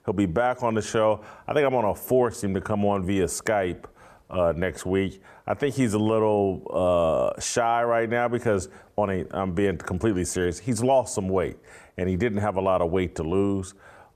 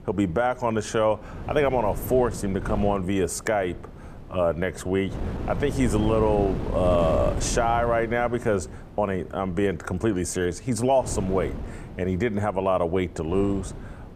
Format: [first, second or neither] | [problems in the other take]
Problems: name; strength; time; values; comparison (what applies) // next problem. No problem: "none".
first | wind noise on the microphone; occasional gusts; 15 dB below the speech